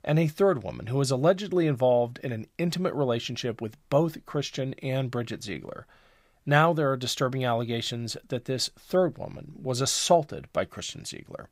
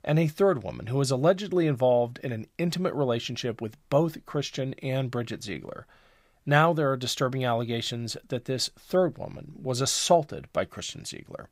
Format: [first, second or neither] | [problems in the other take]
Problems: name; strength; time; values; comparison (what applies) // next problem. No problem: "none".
neither | none